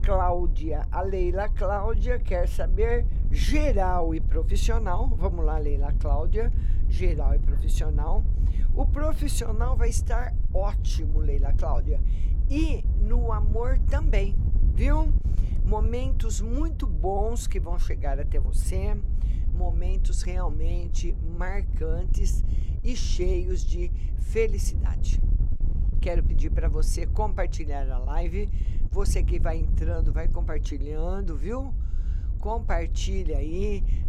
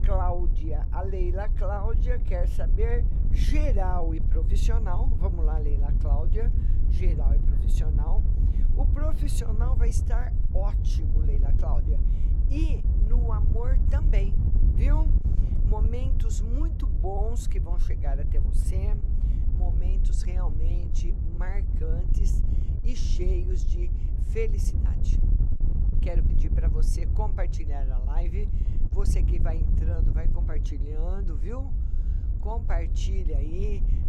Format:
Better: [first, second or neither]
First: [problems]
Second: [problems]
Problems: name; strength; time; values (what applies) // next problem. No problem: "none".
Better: first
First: wind noise on the microphone; occasional gusts; 15 dB below the speech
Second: wind noise on the microphone; heavy; 6 dB below the speech